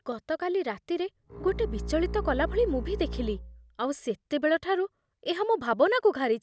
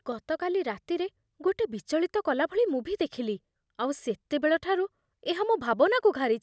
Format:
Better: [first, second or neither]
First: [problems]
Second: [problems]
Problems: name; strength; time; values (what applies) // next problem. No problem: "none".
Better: second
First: background sound (Bowed string instrument); 7 dB below the speech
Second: none